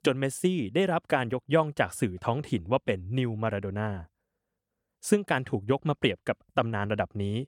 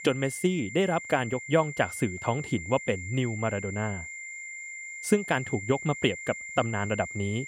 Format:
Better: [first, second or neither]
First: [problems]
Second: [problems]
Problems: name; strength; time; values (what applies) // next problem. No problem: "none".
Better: first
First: none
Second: high-pitched whine; loud; throughout; 2 kHz, 9 dB below the speech